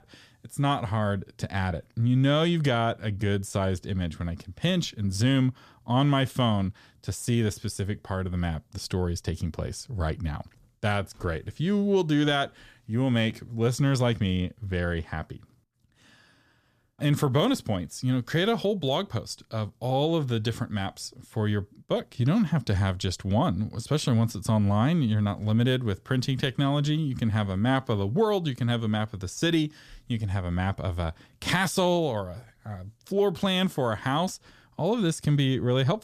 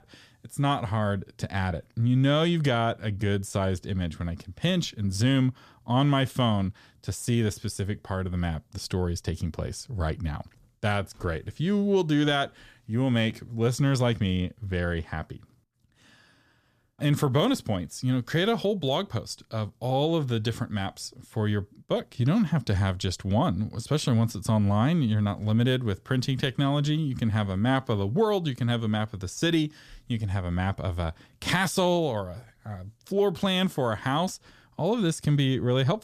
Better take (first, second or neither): neither